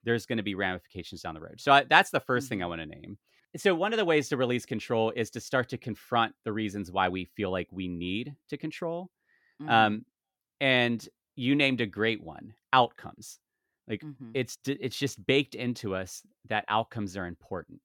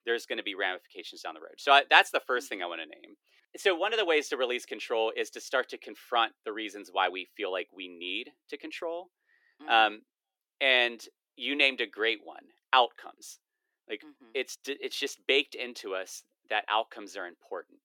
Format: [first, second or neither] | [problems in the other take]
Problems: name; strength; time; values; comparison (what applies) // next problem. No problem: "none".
first | thin; somewhat; fading below 350 Hz